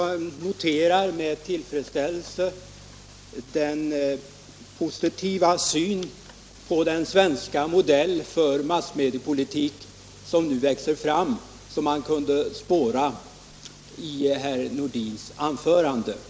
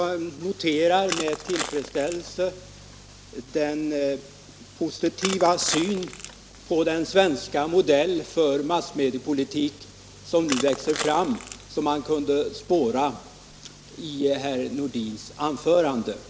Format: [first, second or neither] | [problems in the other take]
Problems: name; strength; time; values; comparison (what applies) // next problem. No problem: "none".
first | background sound (Crushing); 10 dB below the speech